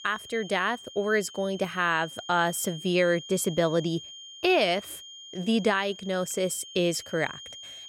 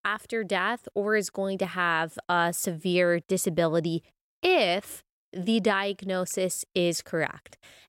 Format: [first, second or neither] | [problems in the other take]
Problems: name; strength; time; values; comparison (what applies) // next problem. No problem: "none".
second | high-pitched whine; noticeable; throughout; 3 kHz, 15 dB below the speech